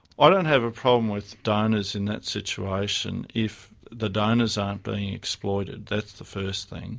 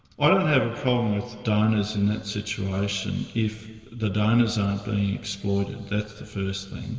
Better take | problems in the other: first | room echo; dies away in 2.3 s

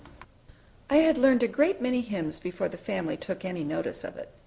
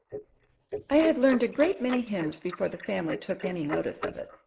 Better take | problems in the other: first | noise reduction (neural mask model Resemble Enhance denoiser)

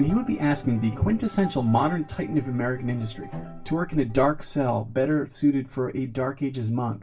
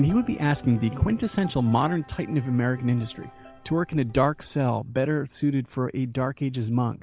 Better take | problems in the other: second | background sound (Bowed string instrument); 18 dB below the speech // room echo; dies away in 0.2 s

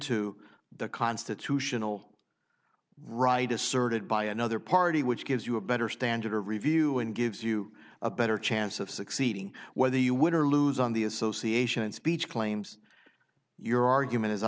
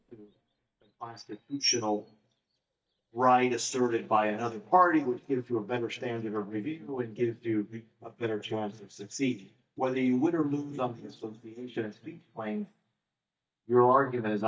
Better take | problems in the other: first | noise reduction (neural mask model DeepFilterNet 3)

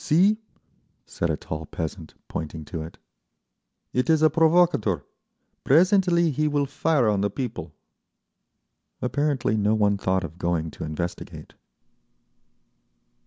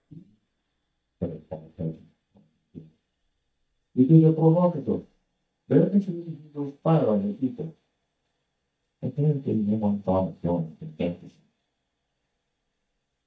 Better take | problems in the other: first | noise reduction (neural mask model DeepFilterNet 3)

